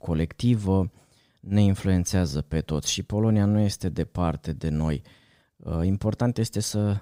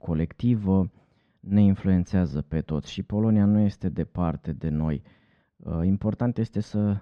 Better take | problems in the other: first | muffled; very; fading above 2.5 kHz

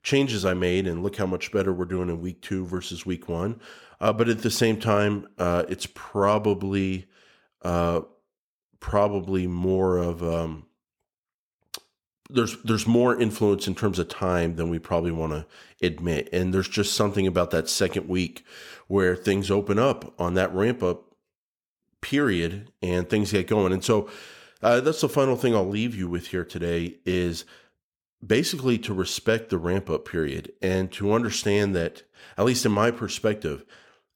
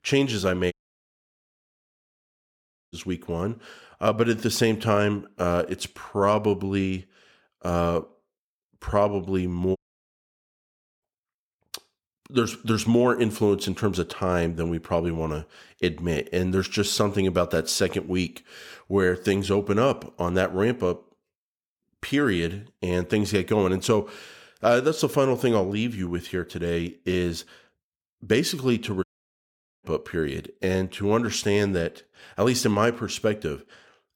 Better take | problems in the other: first | audio cutting out; at 0.5 s for 2 s, at 10 s for 1.5 s and at 29 s for 1 s

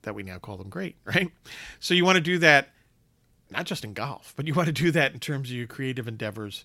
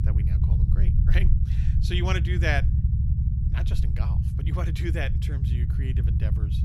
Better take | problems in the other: first | low rumble; loud; throughout; 6 dB below the speech

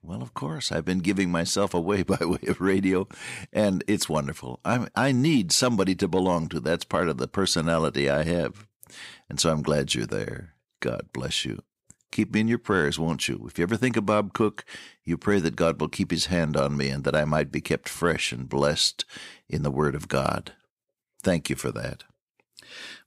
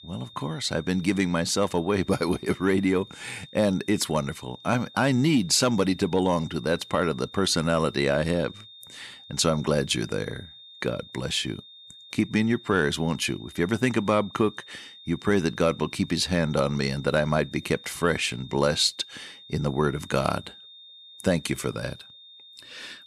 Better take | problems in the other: first | high-pitched whine; noticeable; throughout; 3.5 kHz, 20 dB below the speech

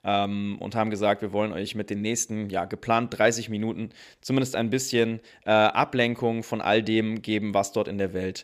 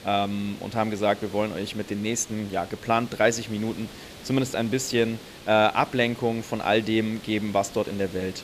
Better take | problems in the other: first | hiss; noticeable; throughout; 15 dB below the speech

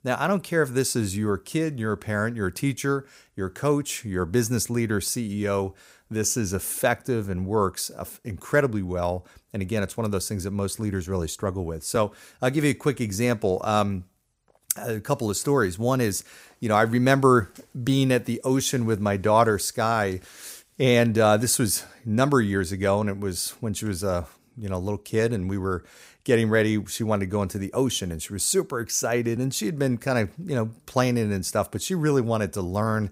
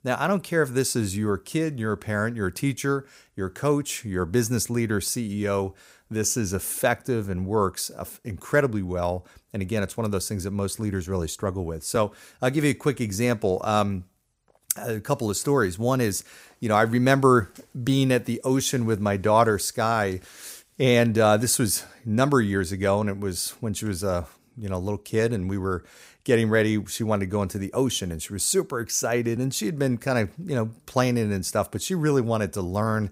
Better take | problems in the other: neither | none

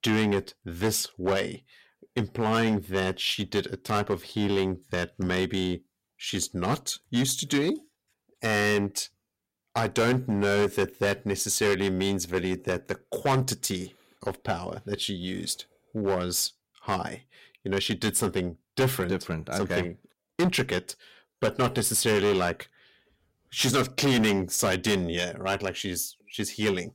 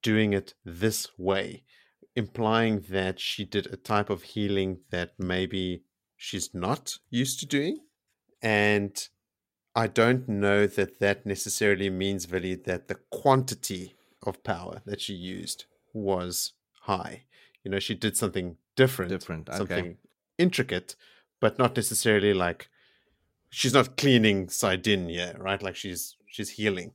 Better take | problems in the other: second | distortion; heavy; 7% of the sound clipped

